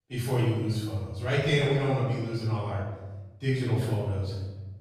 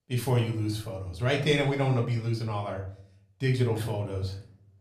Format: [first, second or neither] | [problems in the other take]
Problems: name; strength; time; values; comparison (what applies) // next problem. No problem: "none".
second | room echo; strong; dies away in 1.1 s; slight in the second // off-mic speech; far; somewhat distant in the second